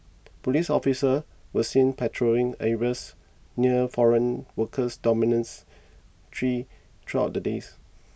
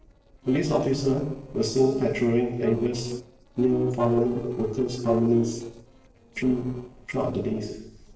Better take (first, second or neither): first